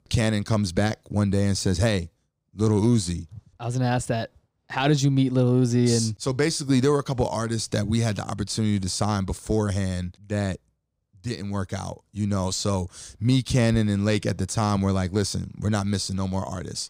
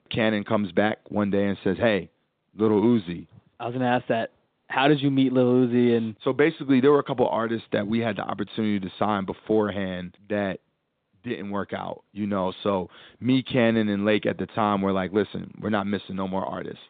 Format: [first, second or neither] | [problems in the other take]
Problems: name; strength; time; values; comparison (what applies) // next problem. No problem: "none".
first | phone-call audio; nothing above 4 kHz